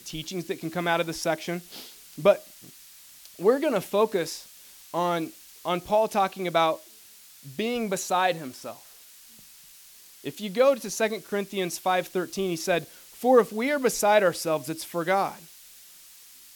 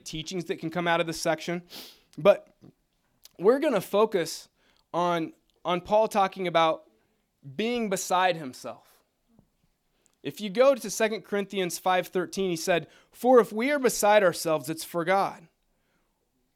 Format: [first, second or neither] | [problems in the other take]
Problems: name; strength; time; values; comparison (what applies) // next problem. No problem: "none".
second | hiss; faint; throughout; 20 dB below the speech